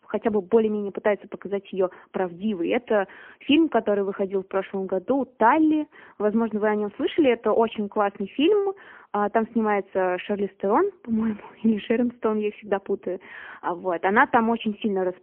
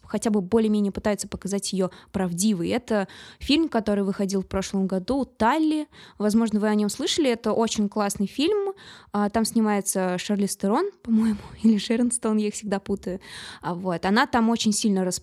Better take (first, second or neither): second